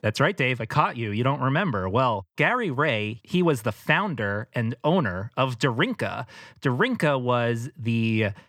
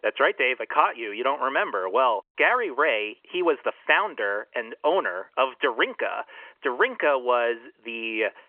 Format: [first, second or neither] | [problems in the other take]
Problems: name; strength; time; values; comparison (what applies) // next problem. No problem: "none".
first | phone-call audio; nothing above 3 kHz